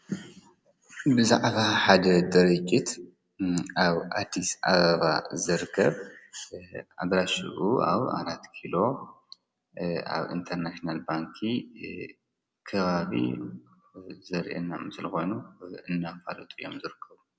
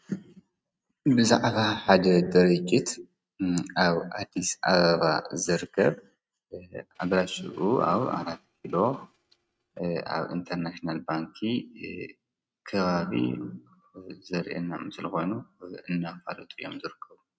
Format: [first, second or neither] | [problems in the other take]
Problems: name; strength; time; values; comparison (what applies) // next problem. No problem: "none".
first | noise reduction (neural mask model RNNoise)